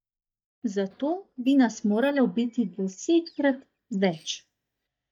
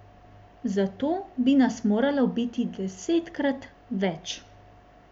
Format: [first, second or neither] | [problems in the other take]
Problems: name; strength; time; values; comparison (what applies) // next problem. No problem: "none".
second | noise reduction (neural mask model DeepFilterNet 3)